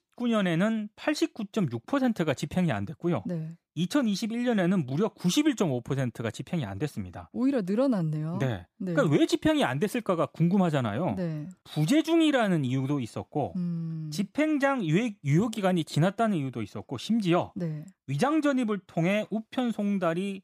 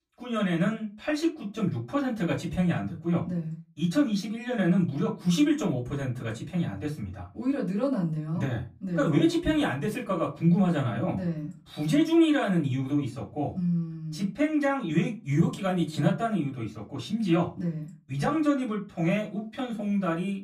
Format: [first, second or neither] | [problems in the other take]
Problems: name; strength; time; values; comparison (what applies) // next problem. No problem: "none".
first | off-mic speech; far // room echo; very slight; dies away in 0.2 s